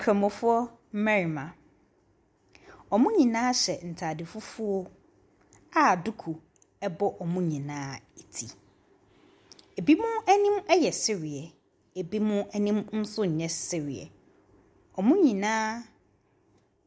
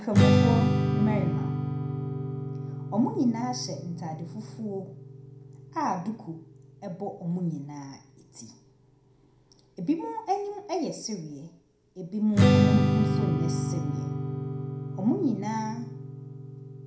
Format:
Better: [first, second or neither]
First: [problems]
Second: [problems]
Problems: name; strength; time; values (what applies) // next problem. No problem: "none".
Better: first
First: none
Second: background sound (Strum); 3 dB above the speech // room echo; dies away in 0.4 s